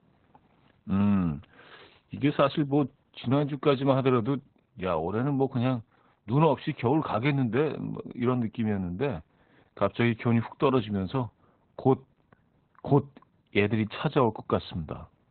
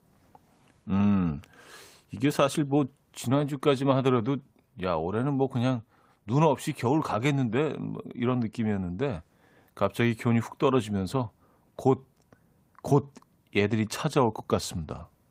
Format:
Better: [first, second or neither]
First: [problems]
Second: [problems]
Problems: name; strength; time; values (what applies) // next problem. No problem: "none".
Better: second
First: garbled, watery; badly; nothing above 4 kHz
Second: garbled, watery; slightly; nothing above 15.5 kHz